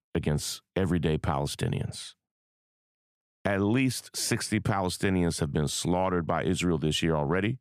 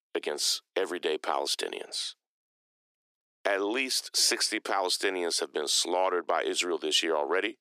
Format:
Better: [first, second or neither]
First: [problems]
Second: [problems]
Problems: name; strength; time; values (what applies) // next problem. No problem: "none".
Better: first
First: none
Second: thin; very; fading below 350 Hz